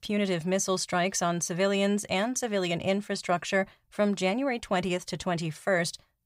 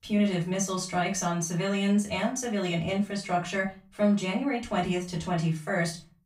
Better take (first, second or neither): first